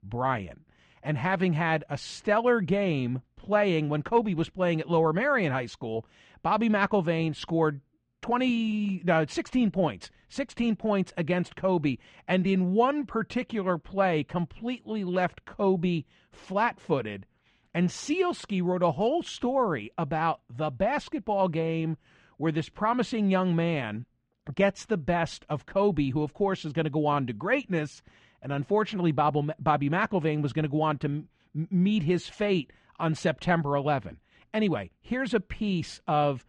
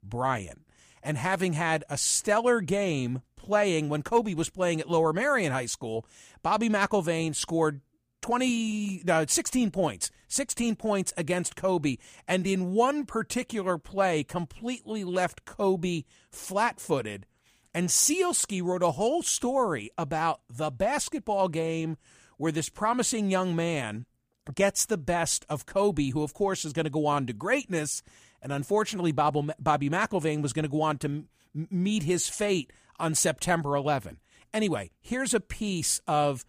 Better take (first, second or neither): second